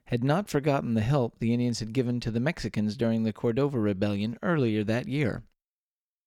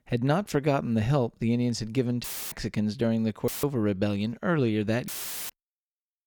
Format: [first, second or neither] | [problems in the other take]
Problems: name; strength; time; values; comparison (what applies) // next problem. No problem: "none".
first | audio cutting out; filled with static; at 2 s, at 3.5 s and at 5 s